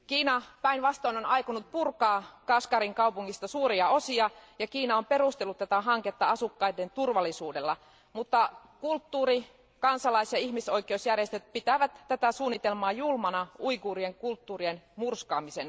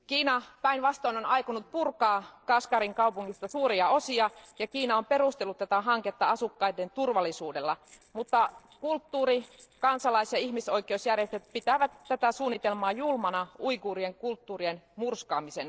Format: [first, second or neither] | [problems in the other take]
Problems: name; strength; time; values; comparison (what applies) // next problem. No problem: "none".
first | noise reduction (neural separator model SepFormer DNS4)